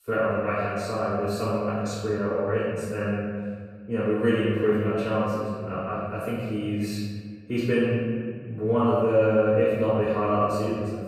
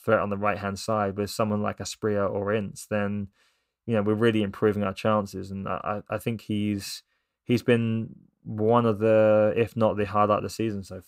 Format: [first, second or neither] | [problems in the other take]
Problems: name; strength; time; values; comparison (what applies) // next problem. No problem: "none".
second | room echo; strong; dies away in 1.7 s // off-mic speech; far